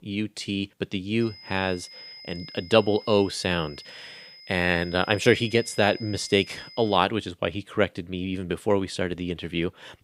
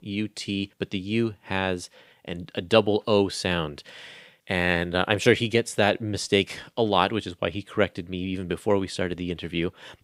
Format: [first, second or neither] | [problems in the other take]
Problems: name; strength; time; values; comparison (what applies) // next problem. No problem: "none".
second | high-pitched whine; noticeable; from 1 to 7 s; 5 kHz, 15 dB below the speech